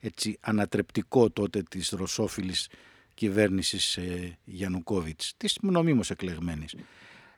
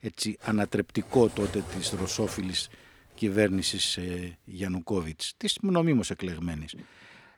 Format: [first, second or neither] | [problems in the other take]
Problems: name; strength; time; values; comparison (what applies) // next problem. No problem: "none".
first | clattering dishes; faint; until 4 s; peak 10 dB below the speech